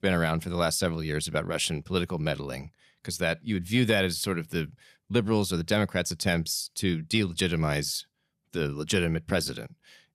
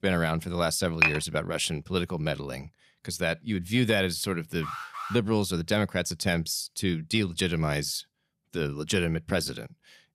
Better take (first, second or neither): first